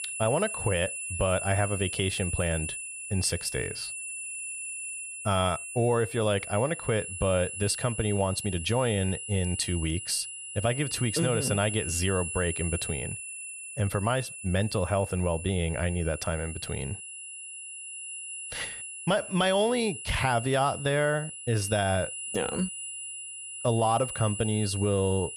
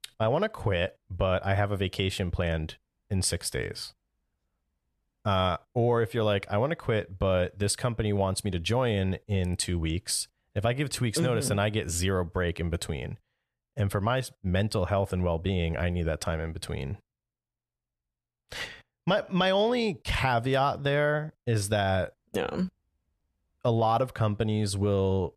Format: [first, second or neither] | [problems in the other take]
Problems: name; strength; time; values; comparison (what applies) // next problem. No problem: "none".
second | high-pitched whine; loud; throughout; 10 kHz, 7 dB below the speech